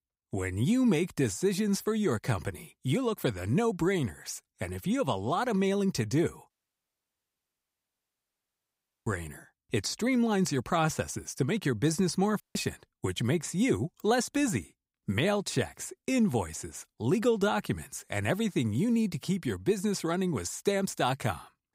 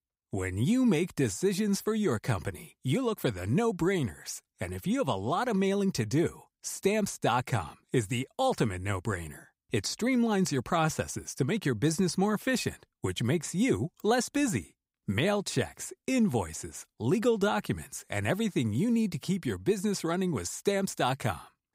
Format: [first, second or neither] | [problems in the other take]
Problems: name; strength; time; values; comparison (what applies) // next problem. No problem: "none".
second | audio cutting out; at 6.5 s for 2.5 s and at 12 s